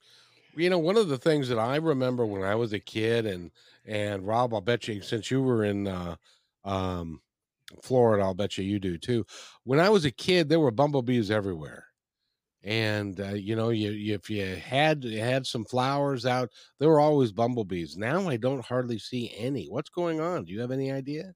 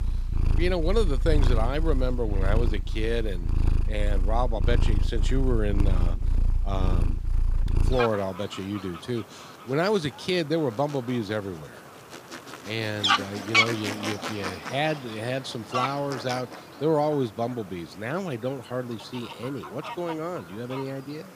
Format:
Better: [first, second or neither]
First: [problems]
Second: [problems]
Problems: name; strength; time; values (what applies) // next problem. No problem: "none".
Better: first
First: none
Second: animal sounds; very loud; throughout; 2 dB above the speech